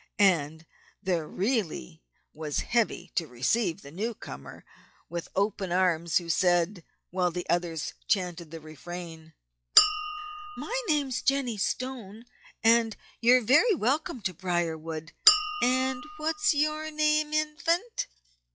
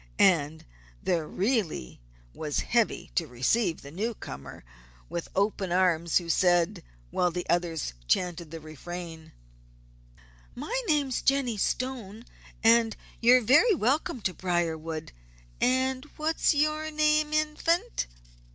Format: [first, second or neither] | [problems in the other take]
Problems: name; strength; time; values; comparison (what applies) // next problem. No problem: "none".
second | noise reduction (classical method log-MMSE)